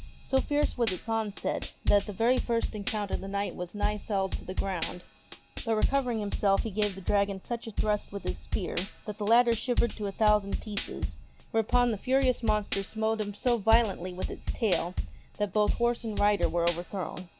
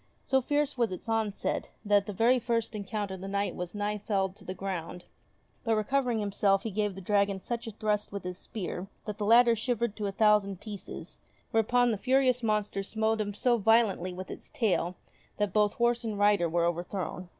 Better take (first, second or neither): second